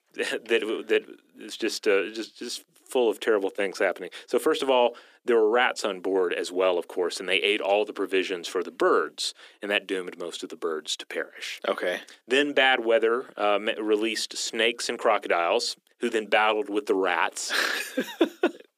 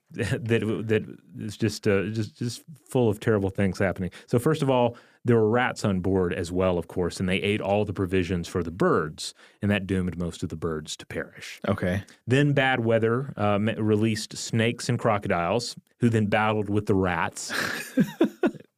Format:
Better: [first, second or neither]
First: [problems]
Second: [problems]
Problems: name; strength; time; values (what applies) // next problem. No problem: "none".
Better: second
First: thin; somewhat; fading below 300 Hz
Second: none